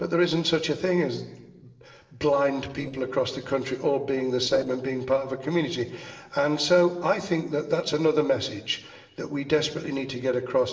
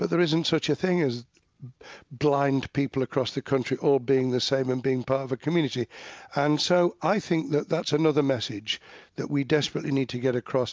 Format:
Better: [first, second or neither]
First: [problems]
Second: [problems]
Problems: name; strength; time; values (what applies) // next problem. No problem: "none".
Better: second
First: noise reduction (neural separator model SepFormer DNS4)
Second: none